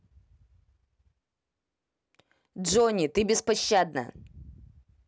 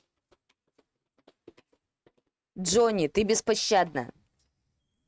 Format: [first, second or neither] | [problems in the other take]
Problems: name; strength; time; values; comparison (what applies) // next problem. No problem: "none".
first | noise reduction (neural mask model RNNoise)